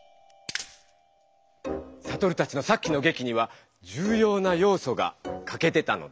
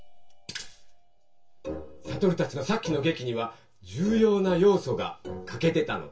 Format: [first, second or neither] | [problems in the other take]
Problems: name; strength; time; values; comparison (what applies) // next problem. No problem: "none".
first | room echo; dies away in 0.2 s